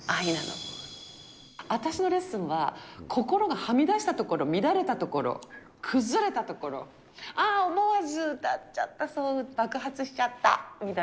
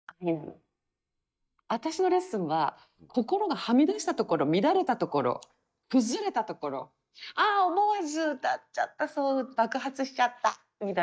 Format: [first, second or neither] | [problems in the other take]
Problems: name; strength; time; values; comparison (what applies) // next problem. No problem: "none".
first | noise reduction (neural mask model DeepFilterNet 3)